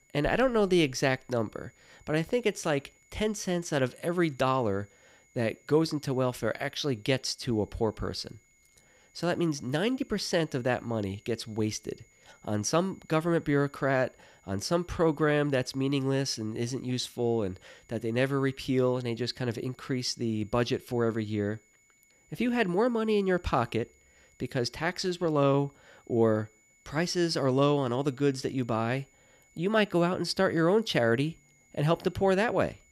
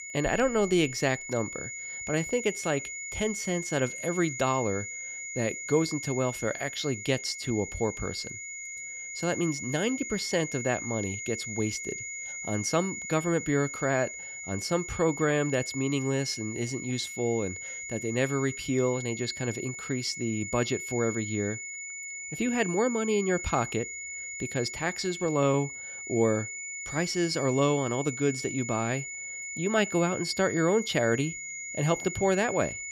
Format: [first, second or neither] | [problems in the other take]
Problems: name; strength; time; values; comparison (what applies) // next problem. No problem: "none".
first | high-pitched whine; loud; throughout; 2 kHz, 7 dB below the speech; faint in the first